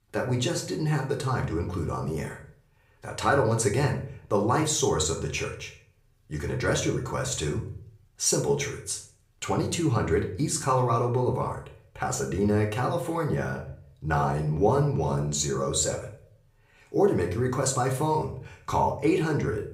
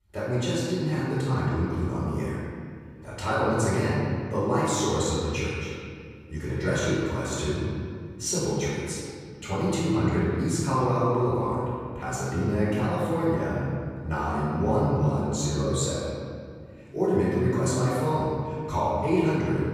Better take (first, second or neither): first